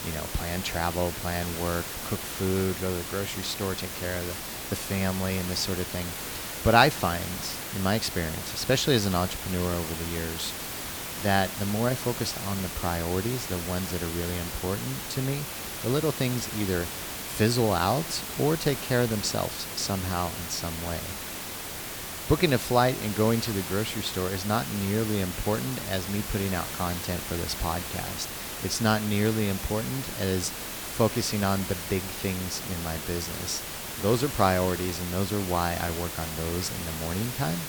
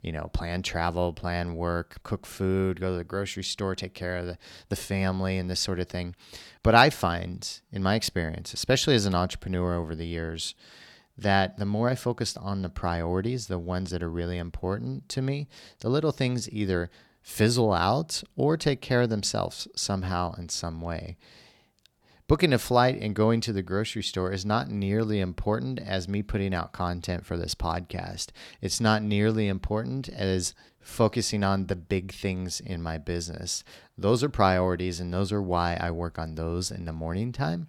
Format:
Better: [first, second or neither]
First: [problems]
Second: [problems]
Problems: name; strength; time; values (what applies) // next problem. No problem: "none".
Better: second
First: hiss; loud; throughout; 5 dB below the speech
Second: none